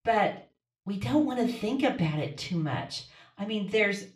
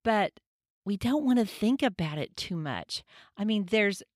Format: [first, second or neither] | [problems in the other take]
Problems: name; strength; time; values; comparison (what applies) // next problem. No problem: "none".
second | room echo; slight; dies away in 0.3 s // off-mic speech; far